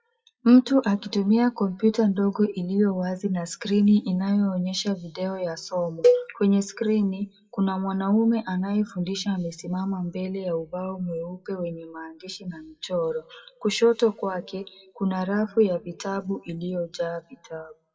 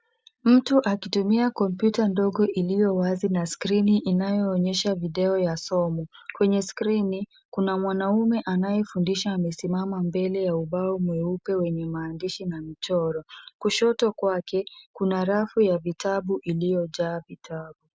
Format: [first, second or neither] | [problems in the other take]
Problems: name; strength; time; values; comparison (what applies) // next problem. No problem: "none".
second | noise reduction (classical method WPE with log-MMSE)